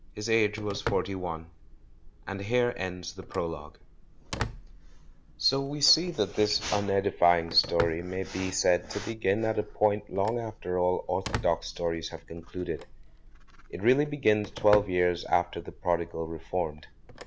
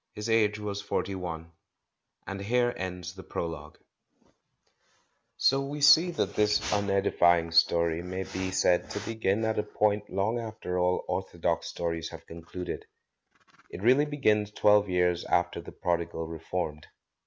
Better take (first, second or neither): second